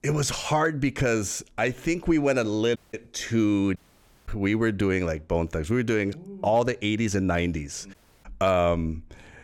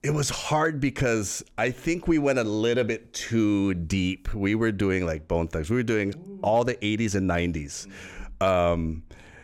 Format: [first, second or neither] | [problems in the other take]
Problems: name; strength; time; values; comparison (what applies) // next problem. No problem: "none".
second | audio cutting out; at 3 s, at 4 s for 0.5 s and at 8 s